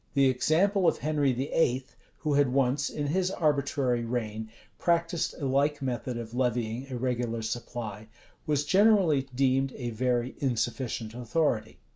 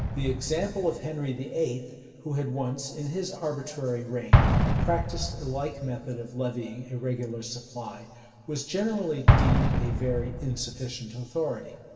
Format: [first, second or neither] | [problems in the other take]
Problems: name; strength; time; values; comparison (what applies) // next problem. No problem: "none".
first | background sound (Explosion); 2 dB above the speech // room echo; dies away in 2.3 s